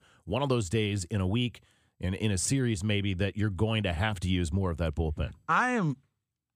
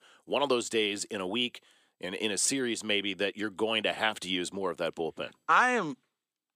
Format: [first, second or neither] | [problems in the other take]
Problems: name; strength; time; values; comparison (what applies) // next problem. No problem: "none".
first | thin; somewhat; fading below 300 Hz